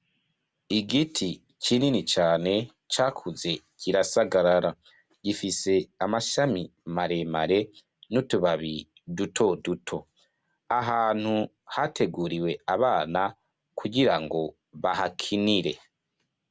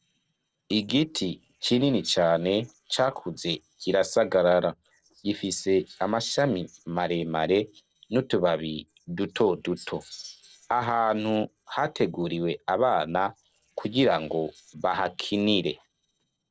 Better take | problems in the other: first | noise reduction (neural separator model SepFormer DNS4)

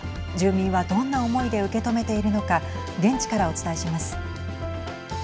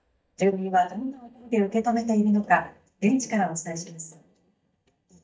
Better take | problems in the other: first | noise reduction (neural mask model DeepFilterNet 3)

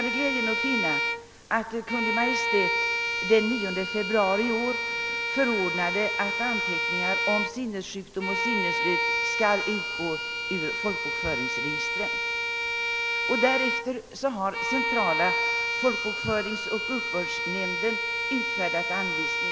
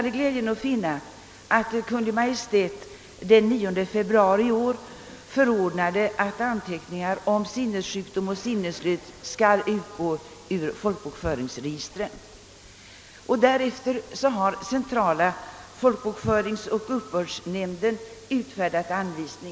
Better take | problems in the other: second | background sound (Bowed string instrument); 1 dB above the speech

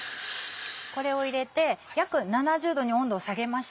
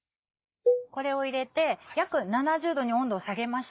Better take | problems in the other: first | noise reduction (neural mask model Resemble Enhance denoiser)

